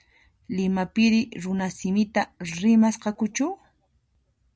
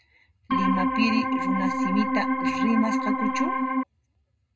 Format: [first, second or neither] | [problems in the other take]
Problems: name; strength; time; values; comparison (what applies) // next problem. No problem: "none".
first | background sound (Organ); 4 dB above the speech // room echo; dies away in 0.2 s